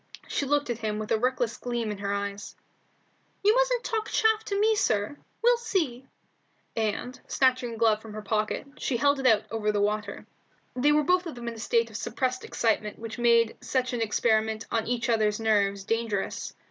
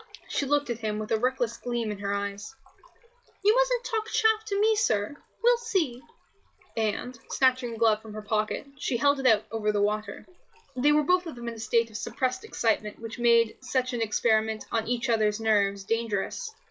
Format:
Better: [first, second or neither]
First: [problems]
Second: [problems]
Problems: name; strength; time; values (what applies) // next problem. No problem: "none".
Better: first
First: none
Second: noise reduction (classical method log-MMSE)